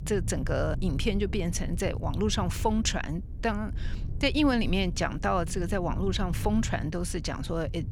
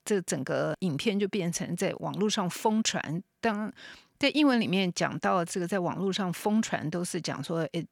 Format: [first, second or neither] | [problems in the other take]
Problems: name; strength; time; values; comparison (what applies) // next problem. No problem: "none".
second | low rumble; noticeable; throughout; 20 dB below the speech